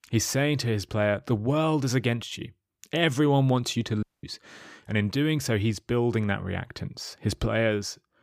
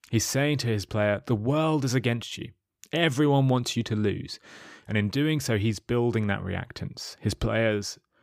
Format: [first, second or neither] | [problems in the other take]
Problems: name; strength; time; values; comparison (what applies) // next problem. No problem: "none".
second | audio cutting out; at 4 s